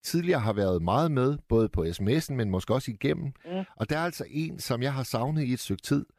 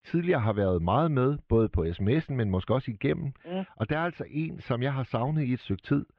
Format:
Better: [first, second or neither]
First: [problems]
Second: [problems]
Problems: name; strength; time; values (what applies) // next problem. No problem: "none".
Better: first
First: none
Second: muffled; very; fading above 3 kHz